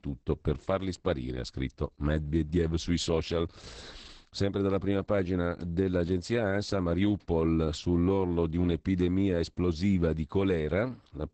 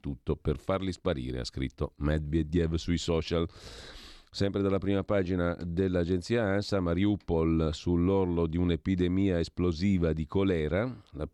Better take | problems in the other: second | garbled, watery; badly; nothing above 8 kHz

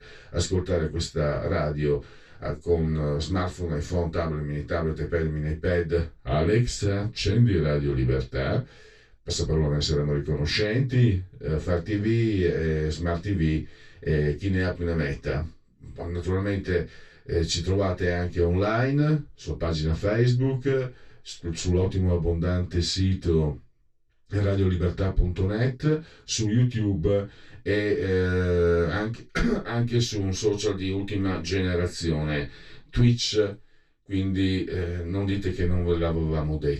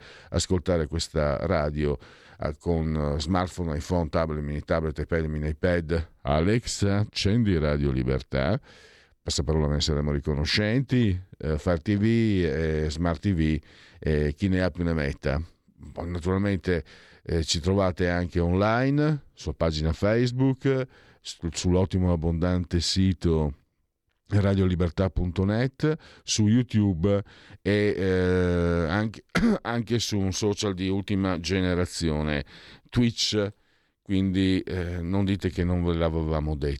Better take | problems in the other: second | room echo; very slight; dies away in 0.1 s // off-mic speech; far

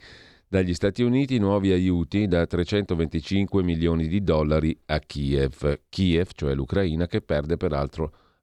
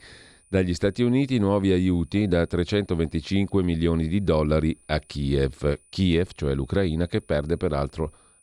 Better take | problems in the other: first | high-pitched whine; faint; throughout; 9.5 kHz, 30 dB below the speech

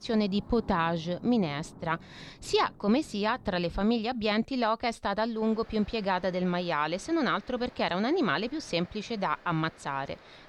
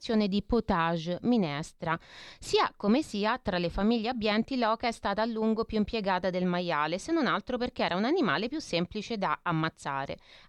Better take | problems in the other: second | rain or running water; faint; throughout; 25 dB below the speech

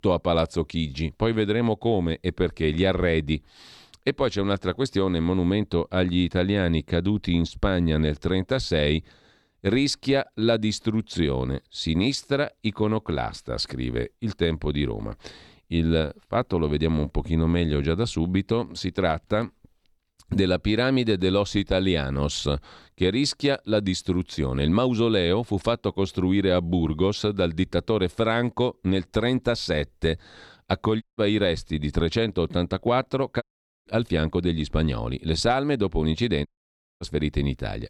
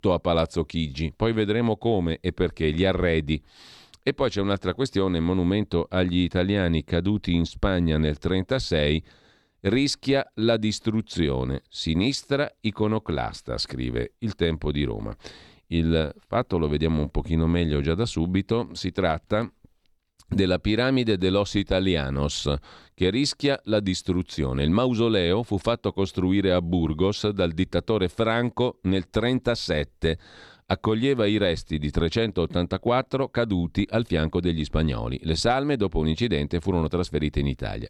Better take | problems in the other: second | audio cutting out; at 31 s, at 33 s and at 36 s for 0.5 s

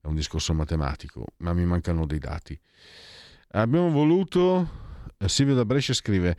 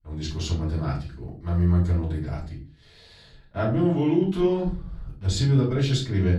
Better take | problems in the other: first | off-mic speech; far // room echo; slight; dies away in 0.4 s

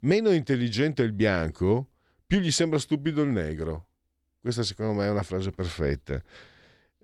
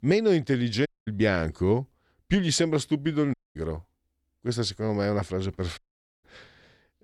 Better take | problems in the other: first | audio cutting out; at 1 s, at 3.5 s and at 6 s

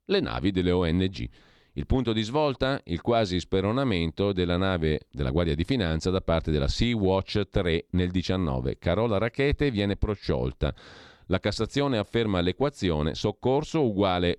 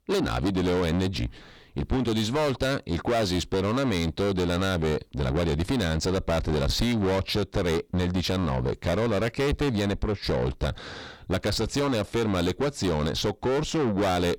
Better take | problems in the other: first | distortion; heavy; 6 dB below the speech

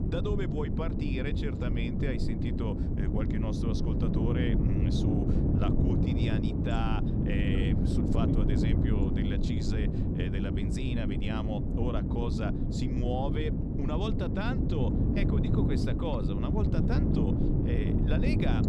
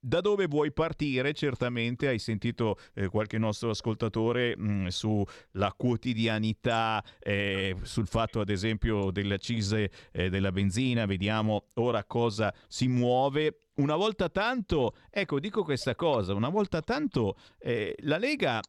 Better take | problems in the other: second | wind noise on the microphone; heavy; 1 dB above the speech

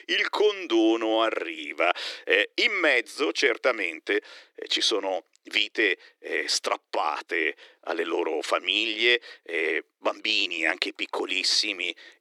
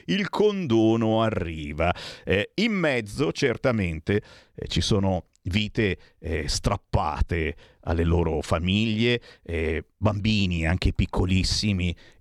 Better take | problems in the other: second | thin; very; fading below 300 Hz

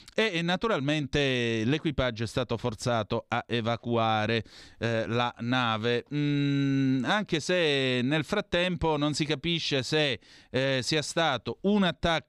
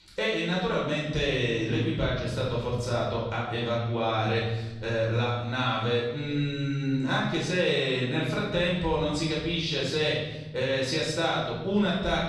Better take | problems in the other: first | room echo; noticeable; dies away in 1.3 s // off-mic speech; far

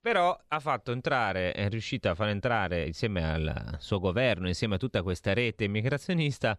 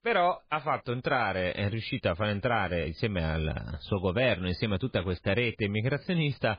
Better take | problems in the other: first | garbled, watery; badly

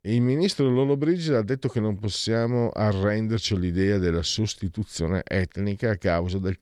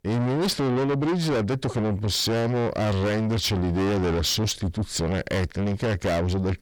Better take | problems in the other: first | distortion; heavy; 6 dB below the speech

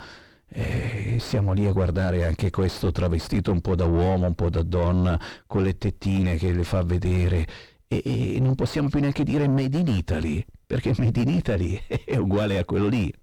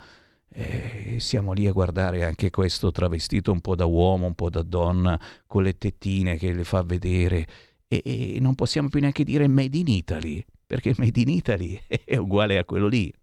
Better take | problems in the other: second | distortion; heavy; 5 dB below the speech

